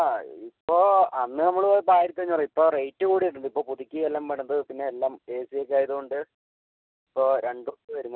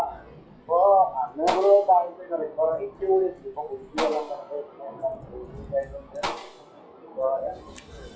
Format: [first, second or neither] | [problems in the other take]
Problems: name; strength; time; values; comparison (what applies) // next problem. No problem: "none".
first | noise reduction (classical method WPE with log-MMSE)